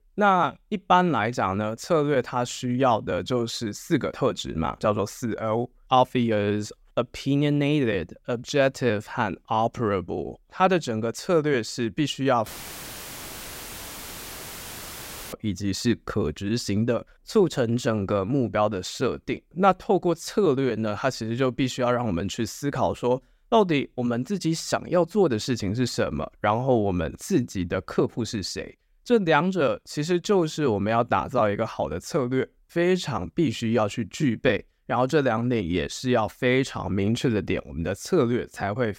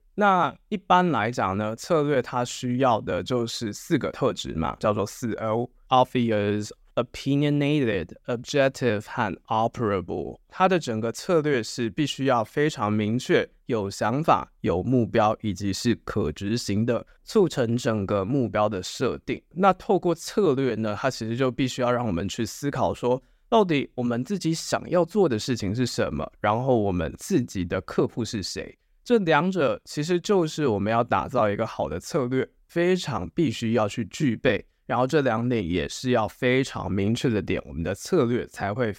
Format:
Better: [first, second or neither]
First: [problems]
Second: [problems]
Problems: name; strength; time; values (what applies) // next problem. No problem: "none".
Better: second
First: audio cutting out; filled with static; at 12 s for 3 s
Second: none